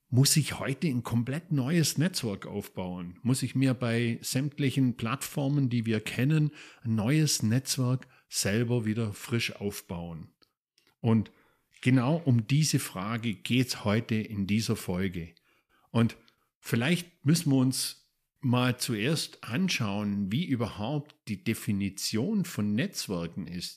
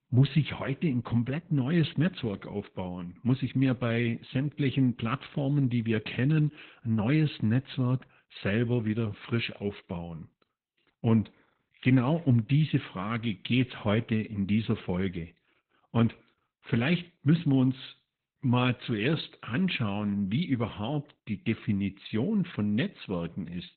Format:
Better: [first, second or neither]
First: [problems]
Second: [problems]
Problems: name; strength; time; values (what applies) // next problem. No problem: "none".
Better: first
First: none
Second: garbled, watery; badly; nothing above 4 kHz